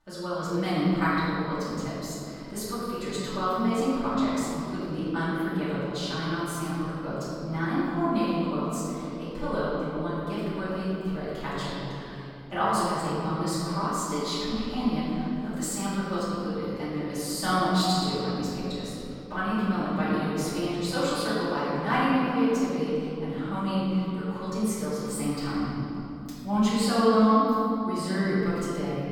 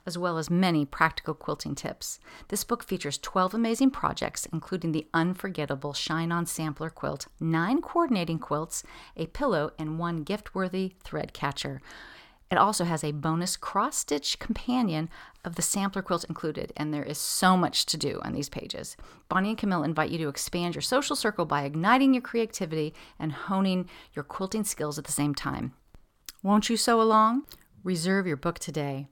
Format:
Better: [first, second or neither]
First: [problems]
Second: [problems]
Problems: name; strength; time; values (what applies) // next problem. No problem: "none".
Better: second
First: room echo; strong; dies away in 2.9 s // off-mic speech; far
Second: none